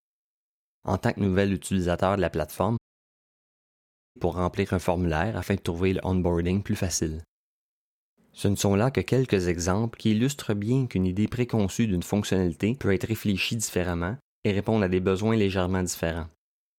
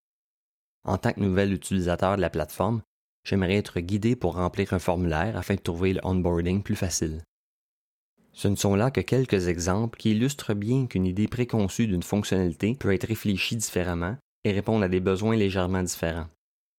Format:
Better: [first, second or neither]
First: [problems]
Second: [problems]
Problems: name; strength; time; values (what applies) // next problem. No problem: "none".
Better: second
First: audio cutting out; at 3 s for 1.5 s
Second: none